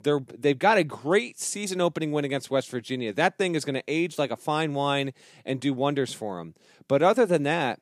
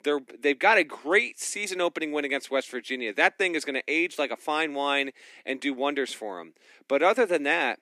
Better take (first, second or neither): first